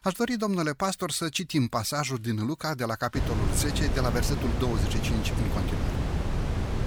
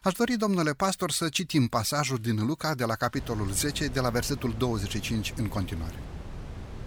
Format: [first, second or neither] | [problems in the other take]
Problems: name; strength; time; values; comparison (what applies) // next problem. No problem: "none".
second | wind noise on the microphone; heavy; from 3 s on; 6 dB below the speech; occasional gusts in the second